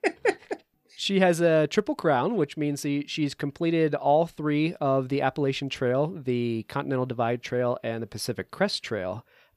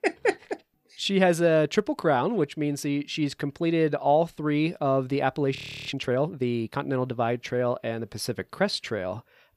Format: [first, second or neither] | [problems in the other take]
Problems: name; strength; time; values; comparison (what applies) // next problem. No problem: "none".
first | audio freezing; at 5.5 s